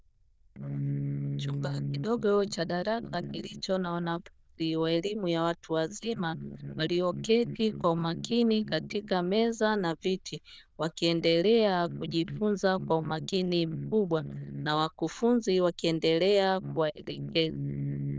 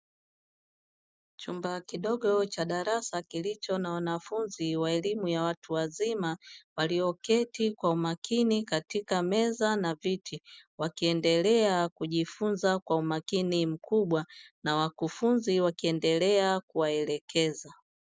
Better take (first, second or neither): second